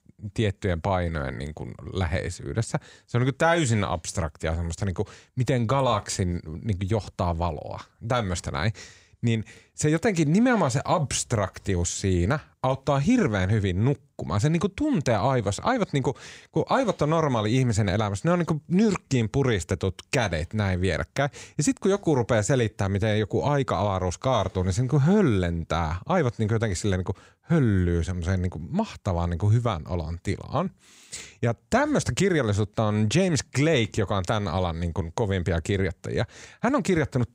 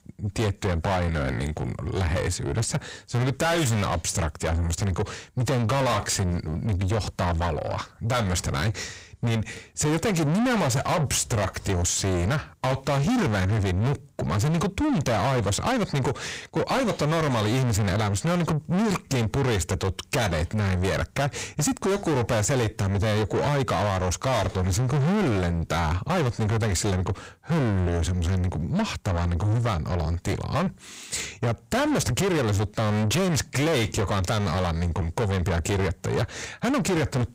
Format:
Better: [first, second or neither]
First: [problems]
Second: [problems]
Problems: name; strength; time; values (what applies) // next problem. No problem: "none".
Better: first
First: none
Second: distortion; heavy; 5 dB below the speech